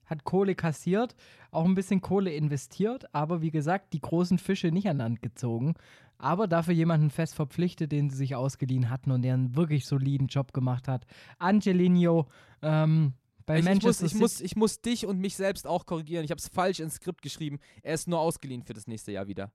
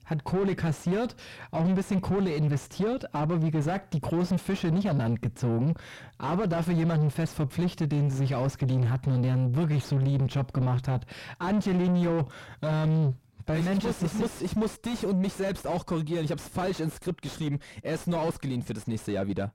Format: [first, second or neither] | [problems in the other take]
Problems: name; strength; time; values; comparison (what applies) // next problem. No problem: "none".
first | distortion; heavy; 6 dB below the speech